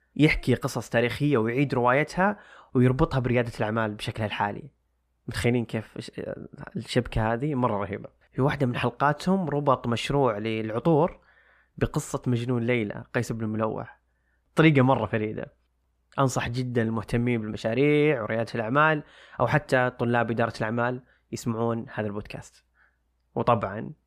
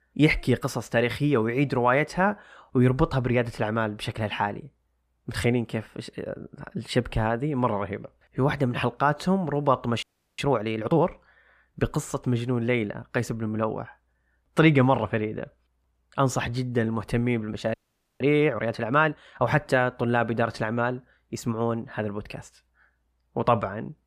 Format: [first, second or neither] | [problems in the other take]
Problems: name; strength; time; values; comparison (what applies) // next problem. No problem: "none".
first | audio freezing; at 10 s and at 18 s